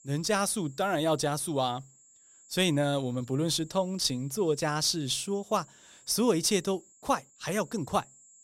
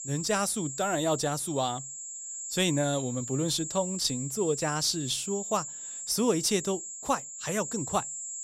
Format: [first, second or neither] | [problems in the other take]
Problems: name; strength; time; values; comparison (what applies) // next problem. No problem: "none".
first | high-pitched whine; loud; throughout; 7.5 kHz, 6 dB below the speech; faint in the first